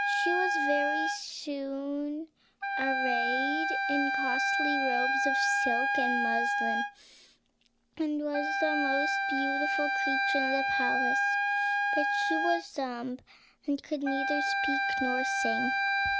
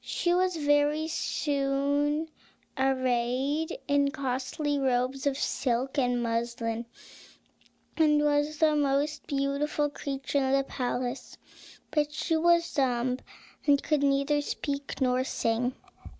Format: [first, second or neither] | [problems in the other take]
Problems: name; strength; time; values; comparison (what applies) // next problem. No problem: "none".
second | background sound (Wind instrument, woodwind instrument); 5 dB above the speech